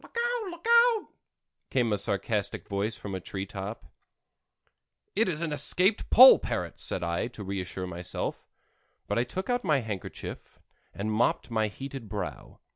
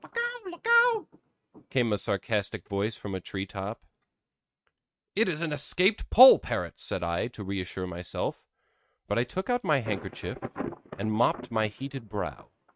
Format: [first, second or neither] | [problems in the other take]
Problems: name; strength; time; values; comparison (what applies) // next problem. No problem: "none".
first | noise reduction (neural mask model RNNoise)